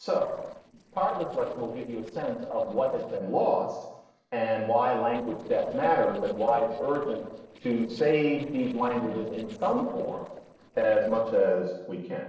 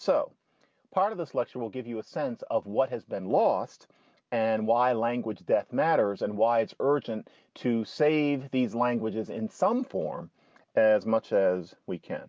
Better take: second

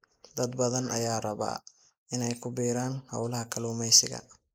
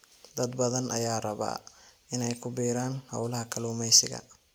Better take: second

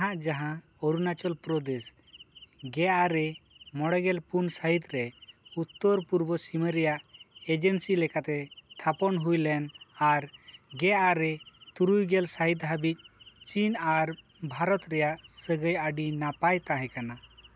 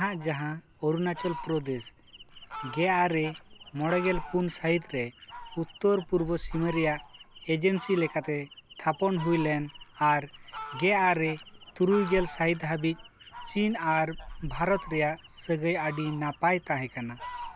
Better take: first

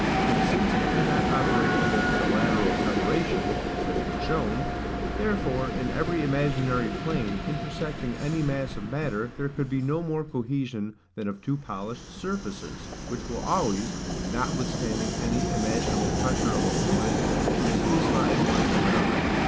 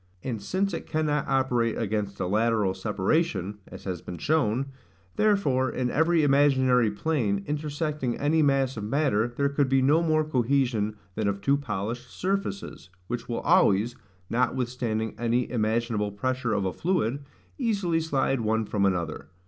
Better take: second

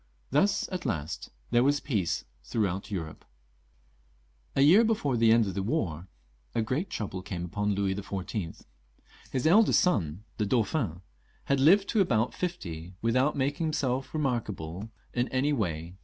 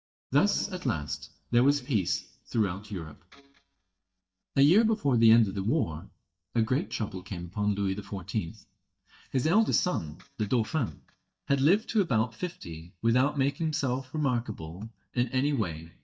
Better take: first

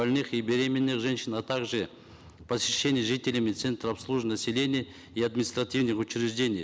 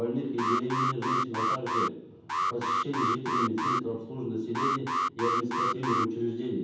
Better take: first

